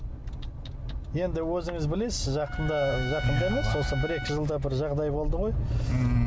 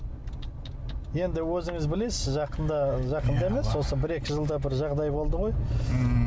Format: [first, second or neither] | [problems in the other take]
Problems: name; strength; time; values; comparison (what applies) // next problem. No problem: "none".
second | background sound (Trumpet); 12 dB below the speech